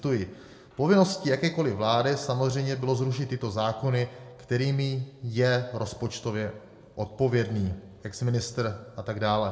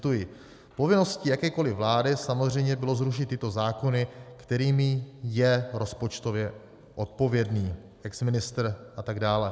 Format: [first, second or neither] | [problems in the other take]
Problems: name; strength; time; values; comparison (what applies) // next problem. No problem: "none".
second | room echo; dies away in 0.5 s